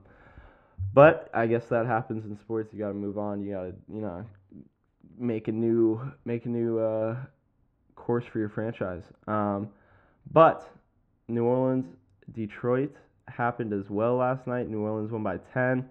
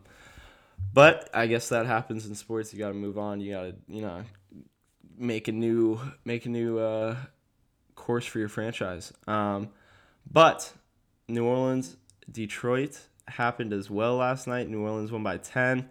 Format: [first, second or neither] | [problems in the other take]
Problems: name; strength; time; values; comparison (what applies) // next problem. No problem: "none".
second | muffled; very; fading above 4 kHz